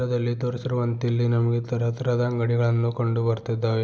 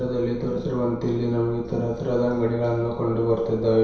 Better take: first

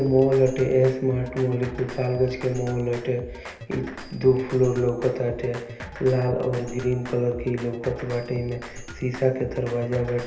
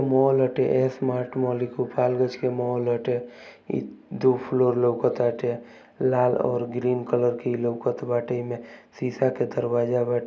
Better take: second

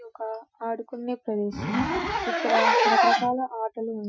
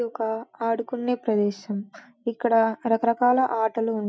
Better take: second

